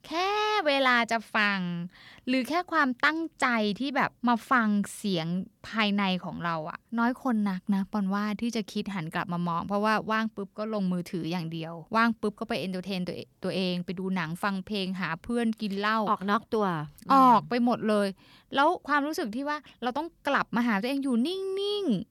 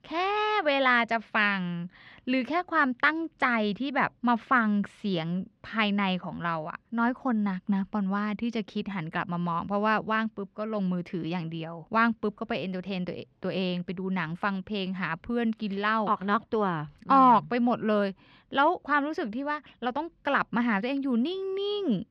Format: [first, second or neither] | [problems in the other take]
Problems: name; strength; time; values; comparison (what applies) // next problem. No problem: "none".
first | muffled; slightly; fading above 2.5 kHz